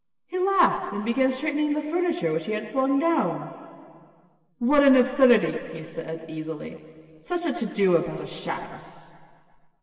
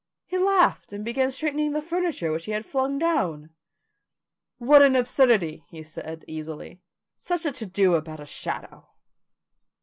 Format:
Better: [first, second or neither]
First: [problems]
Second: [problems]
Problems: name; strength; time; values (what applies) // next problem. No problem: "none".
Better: second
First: room echo; dies away in 2.3 s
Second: none